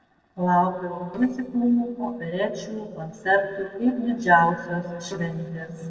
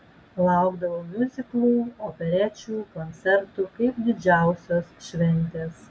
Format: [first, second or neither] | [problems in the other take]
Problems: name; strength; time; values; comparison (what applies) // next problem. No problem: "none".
second | noise reduction (neural separator model SepFormer DNS4)